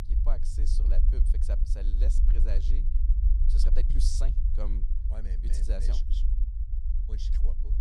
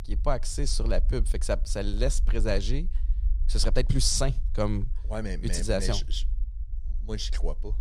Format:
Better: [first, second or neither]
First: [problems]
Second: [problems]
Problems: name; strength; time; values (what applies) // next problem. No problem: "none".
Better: second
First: low rumble; loud; throughout; 5 dB below the speech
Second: low rumble; faint; throughout; 25 dB below the speech